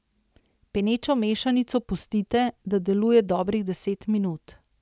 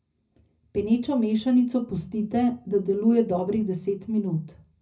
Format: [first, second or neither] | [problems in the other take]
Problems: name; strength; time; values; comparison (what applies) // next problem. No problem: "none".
first | room echo; dies away in 0.4 s